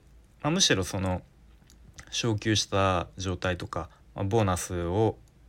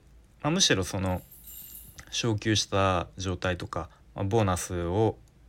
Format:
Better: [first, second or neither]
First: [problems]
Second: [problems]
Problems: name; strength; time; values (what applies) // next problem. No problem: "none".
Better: first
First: none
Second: jangling keys; faint; at 1 s; peak 15 dB below the speech